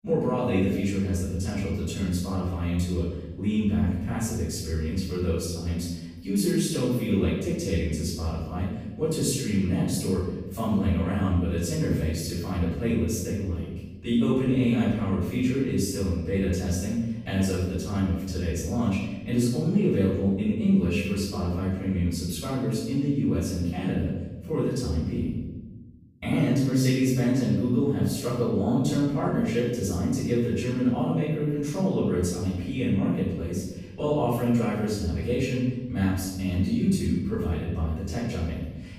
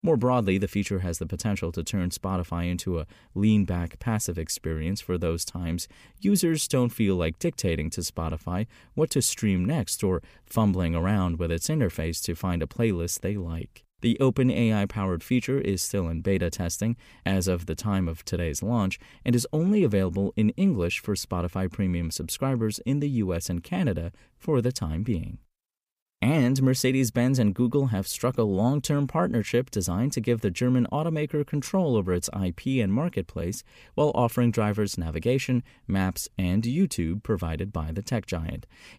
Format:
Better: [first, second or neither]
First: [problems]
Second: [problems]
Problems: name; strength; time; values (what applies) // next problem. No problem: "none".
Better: second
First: room echo; strong; dies away in 1 s // off-mic speech; far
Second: none